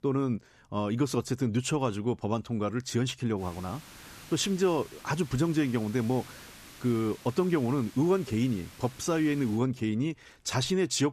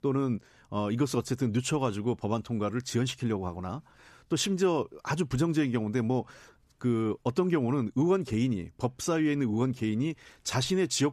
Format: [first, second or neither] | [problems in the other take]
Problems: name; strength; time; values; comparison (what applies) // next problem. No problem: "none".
second | hiss; noticeable; from 3.5 to 9.5 s; 20 dB below the speech